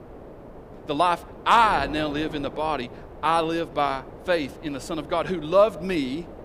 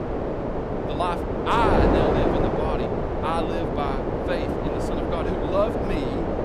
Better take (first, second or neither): first